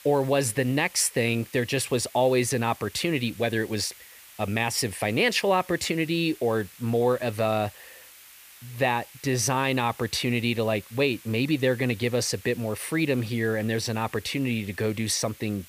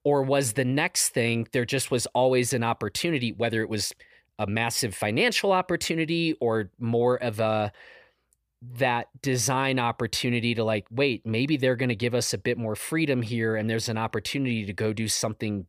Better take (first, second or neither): second